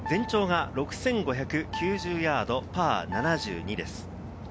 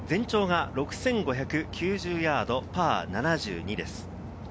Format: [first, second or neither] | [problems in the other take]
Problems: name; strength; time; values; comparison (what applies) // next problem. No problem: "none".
second | background sound (Piano); 13 dB below the speech